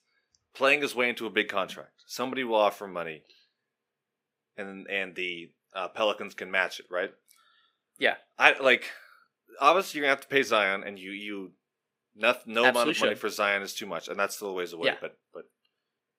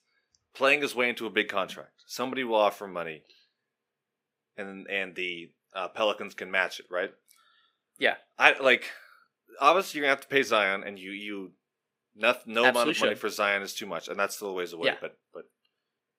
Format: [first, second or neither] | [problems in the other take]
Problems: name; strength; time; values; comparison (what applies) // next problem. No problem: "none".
neither | thin; very slightly; fading below 300 Hz; the same in both